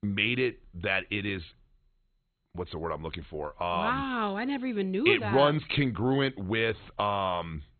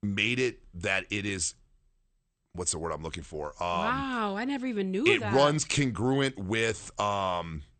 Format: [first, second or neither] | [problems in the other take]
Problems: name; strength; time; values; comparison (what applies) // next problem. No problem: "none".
second | garbled, watery; badly; nothing above 4 kHz; slightly in the second